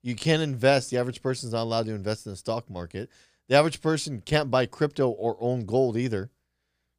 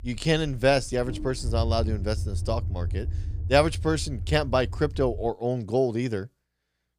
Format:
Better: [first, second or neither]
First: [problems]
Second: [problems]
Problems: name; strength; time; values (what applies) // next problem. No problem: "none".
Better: first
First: none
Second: low rumble; faint; until 5.5 s; 20 dB below the speech